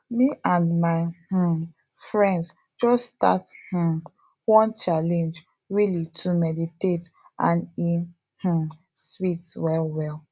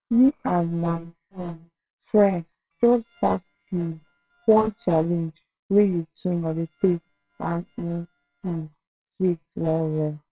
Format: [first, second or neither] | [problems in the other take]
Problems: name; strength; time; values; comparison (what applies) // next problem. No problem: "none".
first | noise reduction (neural separator model SepFormer WHAMR!)